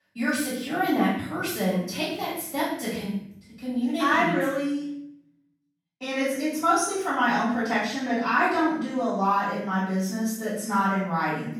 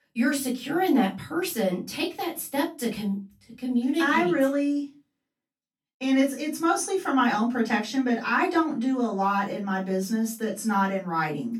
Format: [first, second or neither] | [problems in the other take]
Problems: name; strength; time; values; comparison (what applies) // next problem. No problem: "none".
second | room echo; strong; dies away in 0.8 s; slight in the second // off-mic speech; far; far in the second